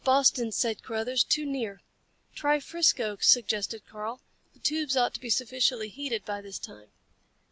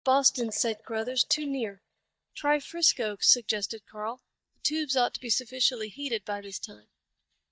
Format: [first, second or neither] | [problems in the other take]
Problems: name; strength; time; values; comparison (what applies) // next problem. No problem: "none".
first | noise reduction (neural mask model DeepFilterNet 3)